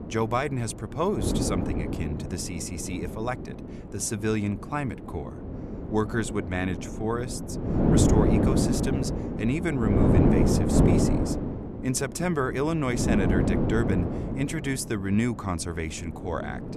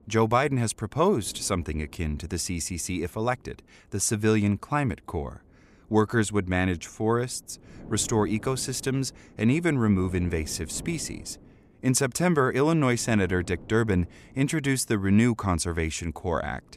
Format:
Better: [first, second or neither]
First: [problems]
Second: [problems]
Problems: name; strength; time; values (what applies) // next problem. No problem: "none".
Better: second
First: wind noise on the microphone; heavy; as loud as the speech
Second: wind noise on the microphone; occasional gusts; 25 dB below the speech